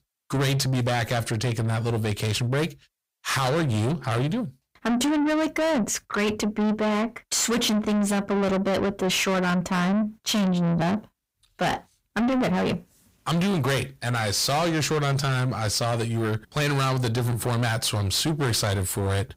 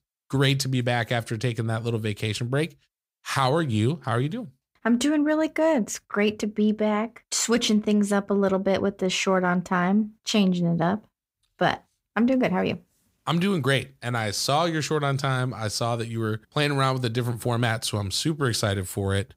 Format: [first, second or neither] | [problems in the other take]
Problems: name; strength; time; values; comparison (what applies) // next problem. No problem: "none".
second | distortion; heavy; 6 dB below the speech